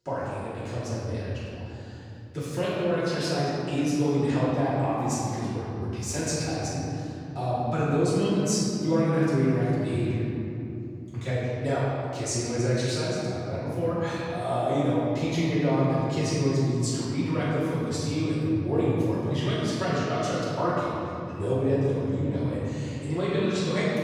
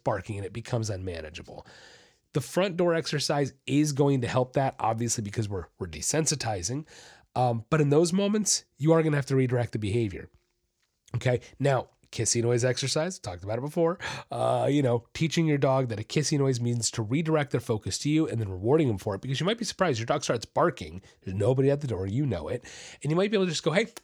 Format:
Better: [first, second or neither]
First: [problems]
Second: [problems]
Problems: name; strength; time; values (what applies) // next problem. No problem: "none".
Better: second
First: off-mic speech; far // room echo; strong; dies away in 3 s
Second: none